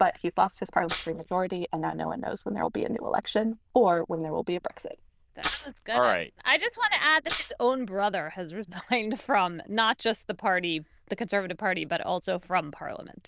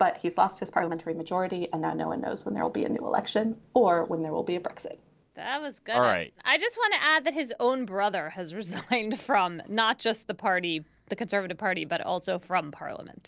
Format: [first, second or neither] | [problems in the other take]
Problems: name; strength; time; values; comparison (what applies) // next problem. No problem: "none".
second | noise reduction (neural diffusion model UNIVERSE++)